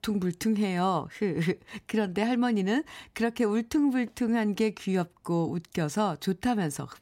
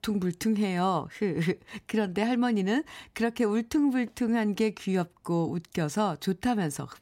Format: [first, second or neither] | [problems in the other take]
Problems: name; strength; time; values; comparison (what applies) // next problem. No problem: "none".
neither | none